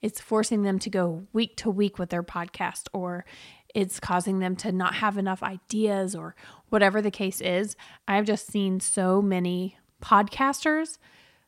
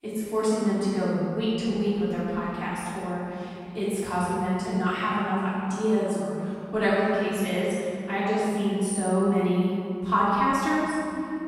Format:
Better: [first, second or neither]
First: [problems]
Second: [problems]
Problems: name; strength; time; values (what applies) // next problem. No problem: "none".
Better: first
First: none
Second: room echo; strong; dies away in 2.9 s // off-mic speech; far